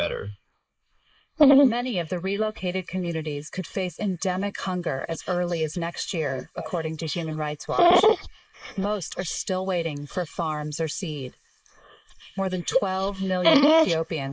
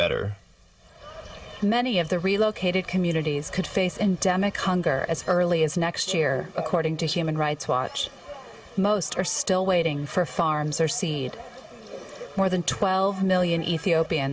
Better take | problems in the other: second | noise reduction (neural mask model Resemble Enhance denoiser)

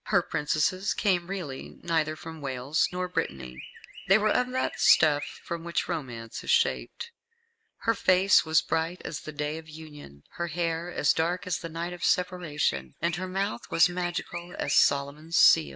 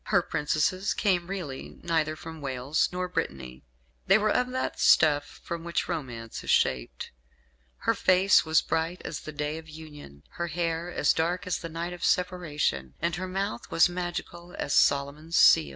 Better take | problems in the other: second | noise reduction (neural mask model Resemble Enhance denoiser)

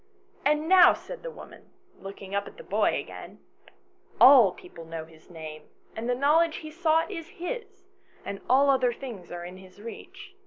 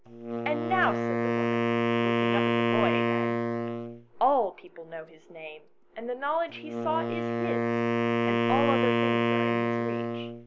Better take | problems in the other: first | background sound (Wind instrument, woodwind instrument); 5 dB above the speech

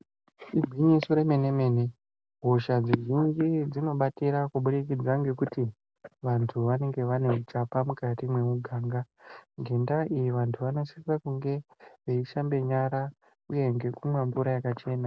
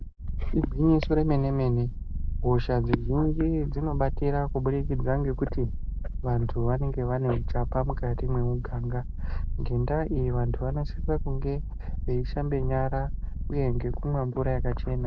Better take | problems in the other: first | background sound (Purr); 2 dB below the speech

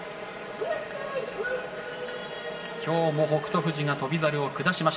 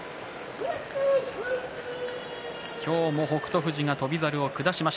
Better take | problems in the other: second | room echo; dies away in 2 s

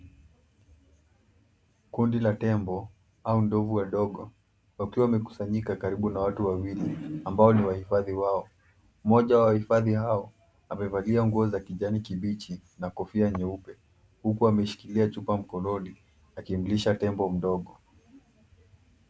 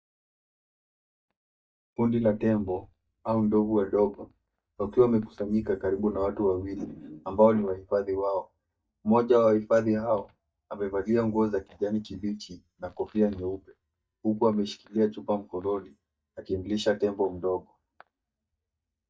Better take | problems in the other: first | noise reduction (neural mask model DeepFilterNet 3)

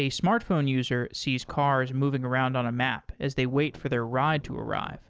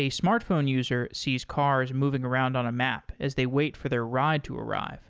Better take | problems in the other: second | noise reduction (neural separator model SepFormer DNS4)

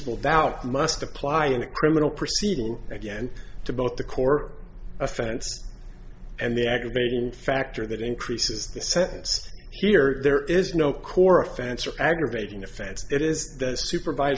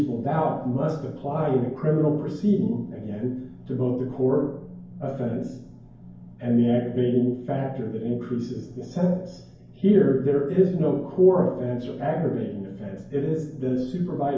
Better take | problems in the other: first | room echo; dies away in 0.9 s

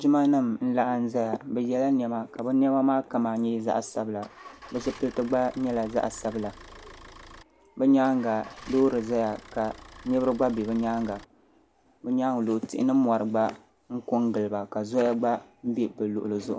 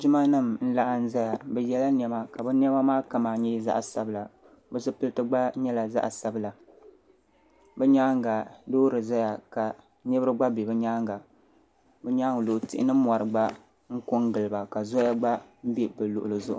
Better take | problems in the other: second | background sound (Idling / Engine starting / Motor vehicle (road)); 20 dB below the speech

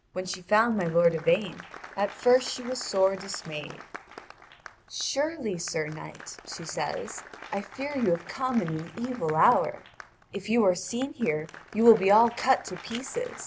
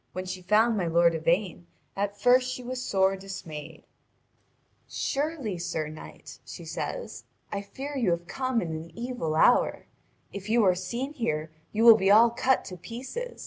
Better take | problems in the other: second | background sound (Camera + Applause); 18 dB below the speech

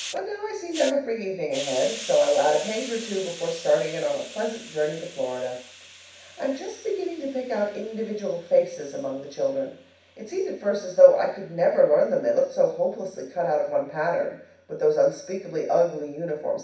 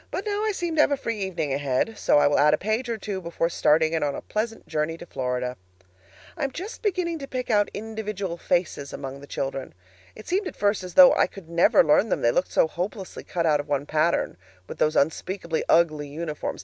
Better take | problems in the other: second | background sound (Hiss); 18 dB below the speech // room echo; dies away in 0.6 s

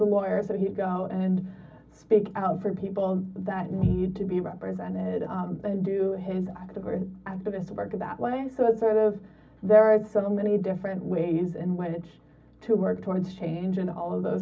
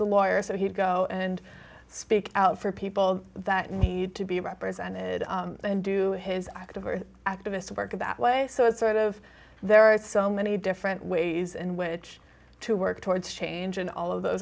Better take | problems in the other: second | room echo; dies away in 0.4 s

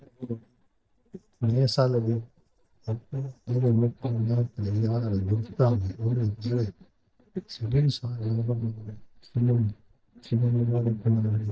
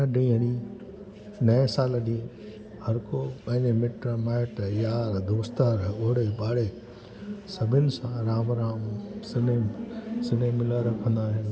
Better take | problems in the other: second | noise reduction (neural mask model DeepFilterNet 3)

